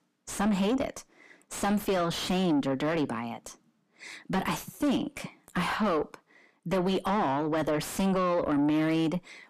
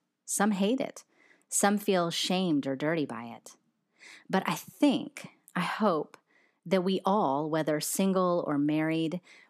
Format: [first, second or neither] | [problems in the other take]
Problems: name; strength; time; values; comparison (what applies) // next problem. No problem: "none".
second | distortion; heavy; 5 dB below the speech